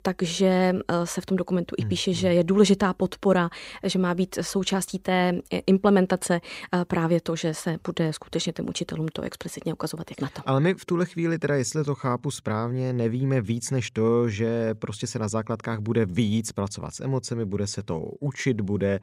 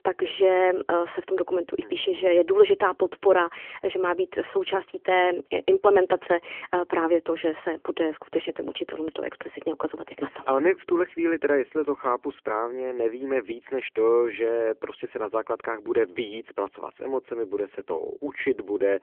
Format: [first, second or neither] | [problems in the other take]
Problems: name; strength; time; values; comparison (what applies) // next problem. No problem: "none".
first | phone-call audio; nothing above 3.5 kHz